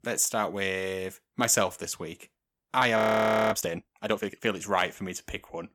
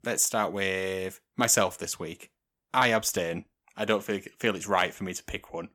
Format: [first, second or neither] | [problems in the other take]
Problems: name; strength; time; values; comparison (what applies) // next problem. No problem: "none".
second | audio freezing; at 3 s for 0.5 s